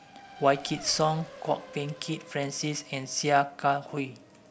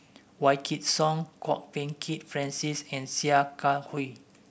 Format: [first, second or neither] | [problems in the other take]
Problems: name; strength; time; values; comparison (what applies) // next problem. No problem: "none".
second | background sound (Race car, auto racing); 19 dB below the speech